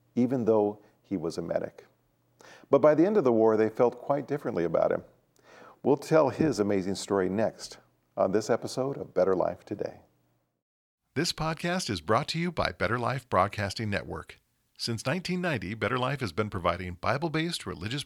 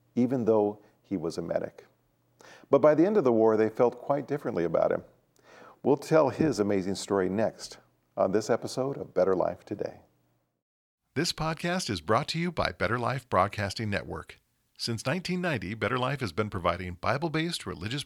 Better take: neither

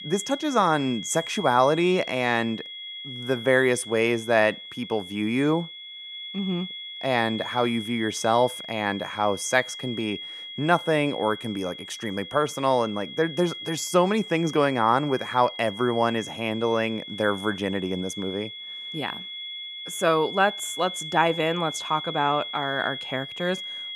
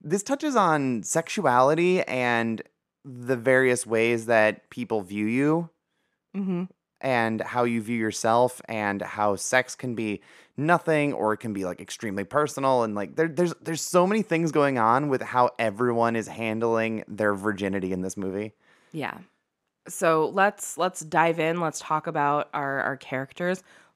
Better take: second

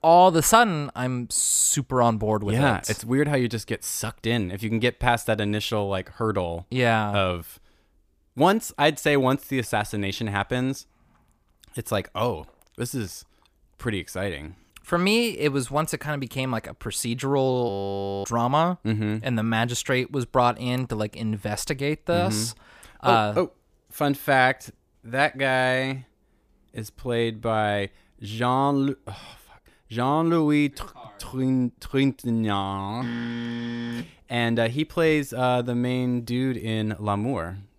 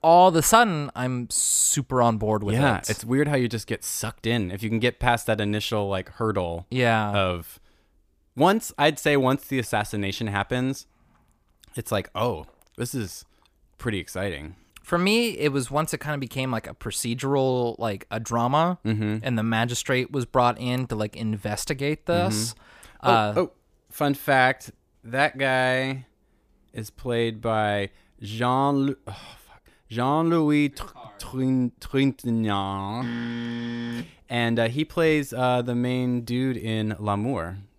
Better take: second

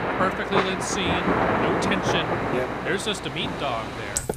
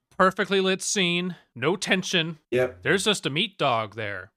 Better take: second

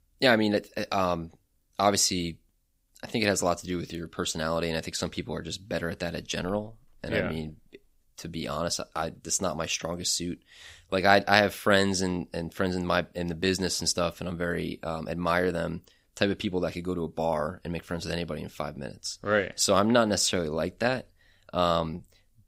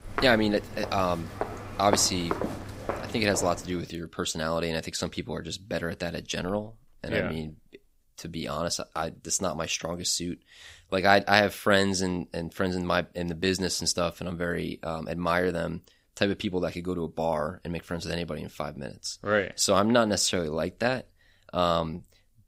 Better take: first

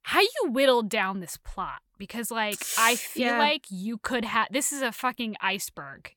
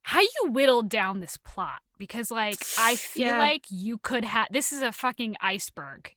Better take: first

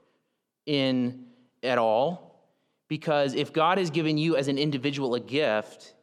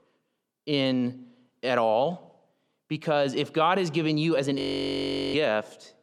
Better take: first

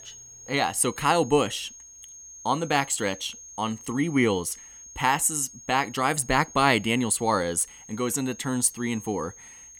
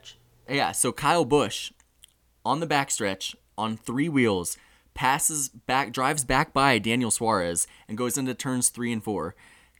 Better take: second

